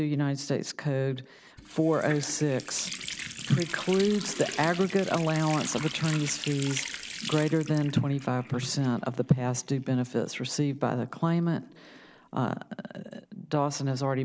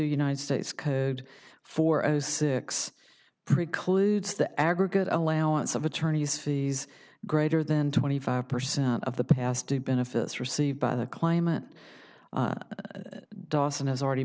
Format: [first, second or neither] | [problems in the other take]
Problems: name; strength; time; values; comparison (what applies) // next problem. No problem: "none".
second | background sound (Water tap, faucet); 13 dB below the speech